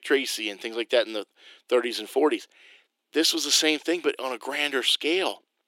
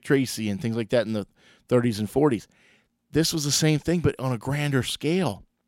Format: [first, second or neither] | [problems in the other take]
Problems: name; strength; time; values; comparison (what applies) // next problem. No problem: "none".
second | thin; somewhat; fading below 300 Hz